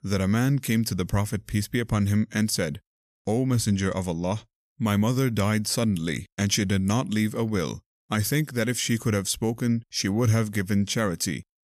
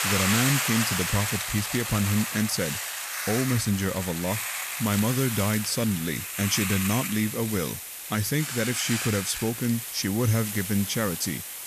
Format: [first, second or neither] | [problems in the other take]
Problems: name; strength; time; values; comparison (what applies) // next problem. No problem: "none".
first | hiss; loud; throughout; 2 dB below the speech